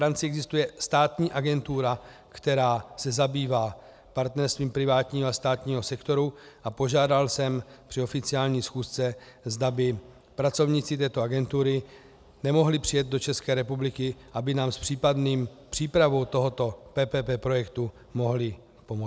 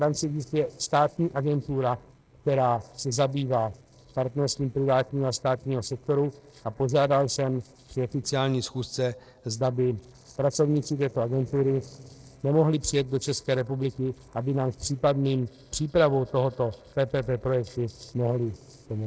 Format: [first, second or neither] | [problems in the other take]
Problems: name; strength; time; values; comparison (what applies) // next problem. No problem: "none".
first | noise reduction (neural separator model SepFormer DNS4)